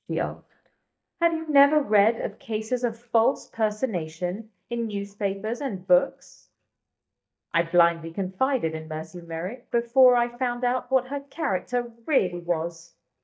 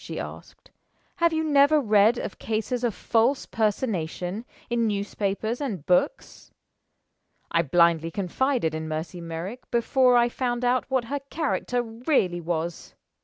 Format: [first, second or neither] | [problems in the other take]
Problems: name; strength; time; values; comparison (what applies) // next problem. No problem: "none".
second | noise reduction (neural mask model DeepFilterNet 3)